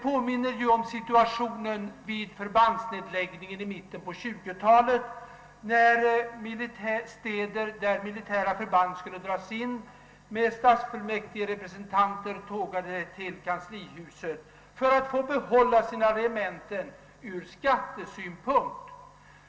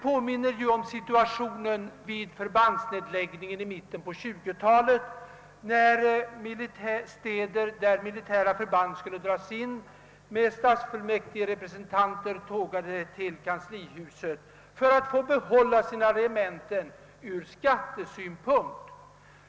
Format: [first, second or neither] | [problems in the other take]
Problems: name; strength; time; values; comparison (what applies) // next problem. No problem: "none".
second | room echo; dies away in 0.4 s